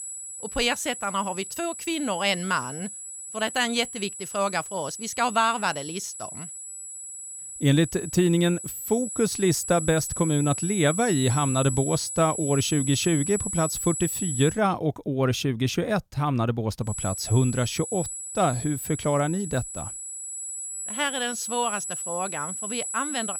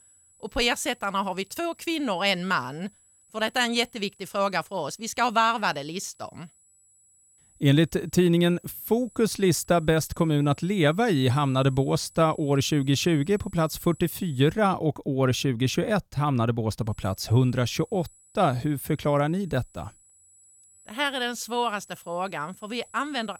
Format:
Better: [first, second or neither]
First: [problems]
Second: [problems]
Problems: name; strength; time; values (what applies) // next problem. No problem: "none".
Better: second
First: high-pitched whine; loud; until 15 s and from 17 s on; 8 kHz, 6 dB below the speech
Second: high-pitched whine; faint; until 15 s and from 17 s on; 8 kHz, 30 dB below the speech